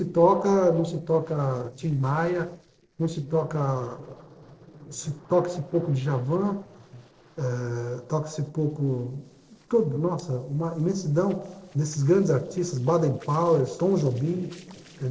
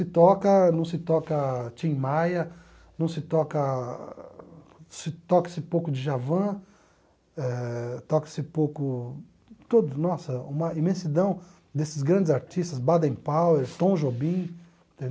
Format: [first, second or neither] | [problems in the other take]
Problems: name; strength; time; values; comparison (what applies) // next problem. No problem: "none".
second | noise reduction (neural separator model SepFormer DNS4)